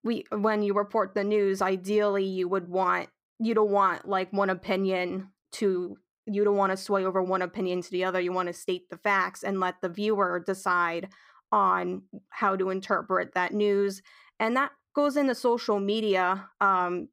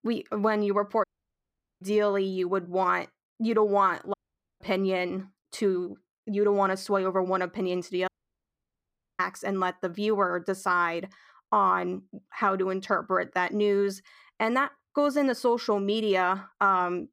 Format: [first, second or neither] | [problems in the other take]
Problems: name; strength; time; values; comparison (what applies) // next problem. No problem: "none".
first | audio cutting out; at 1 s for 1 s, at 4 s and at 8 s for 1 s